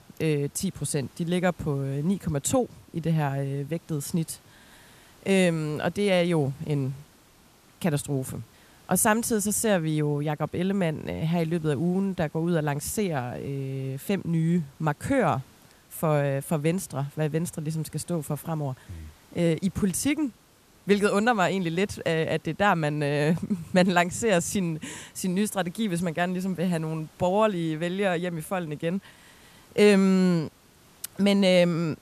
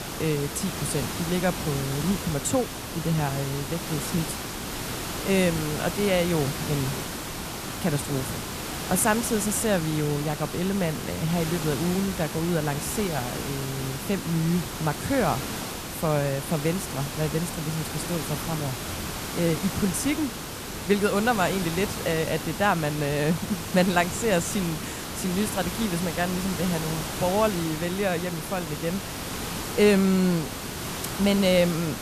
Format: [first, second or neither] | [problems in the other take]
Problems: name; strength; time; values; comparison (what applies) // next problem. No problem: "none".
first | hiss; loud; throughout; 5 dB below the speech; faint in the first